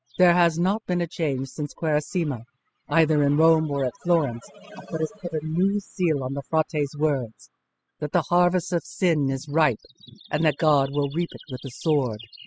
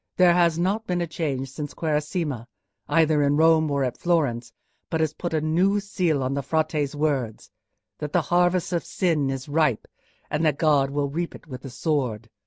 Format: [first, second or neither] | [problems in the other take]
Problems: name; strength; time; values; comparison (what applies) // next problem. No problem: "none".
second | noise reduction (classical method spectral subtraction)